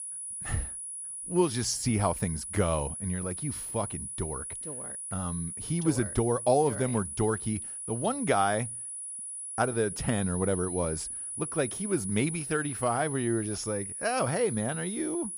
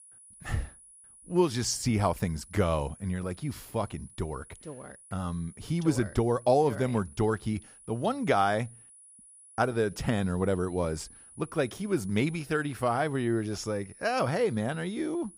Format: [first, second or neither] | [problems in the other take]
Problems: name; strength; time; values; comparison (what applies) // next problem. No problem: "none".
second | high-pitched whine; loud; throughout; 10.5 kHz, 5 dB below the speech; faint in the second